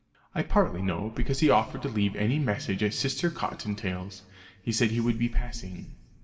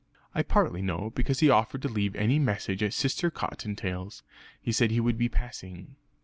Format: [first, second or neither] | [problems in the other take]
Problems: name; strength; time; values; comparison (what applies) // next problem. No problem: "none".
second | room echo; dies away in 1.3 s